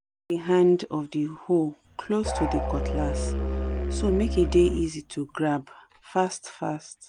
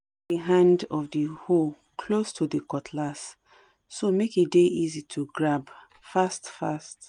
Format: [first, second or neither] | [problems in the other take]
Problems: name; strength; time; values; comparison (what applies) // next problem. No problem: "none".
second | background sound (Musical instrument); 2 dB below the speech